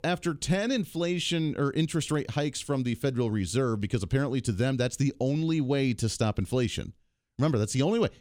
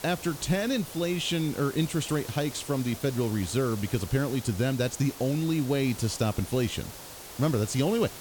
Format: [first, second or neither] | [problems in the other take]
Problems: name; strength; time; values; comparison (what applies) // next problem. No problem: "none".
first | hiss; noticeable; throughout; 15 dB below the speech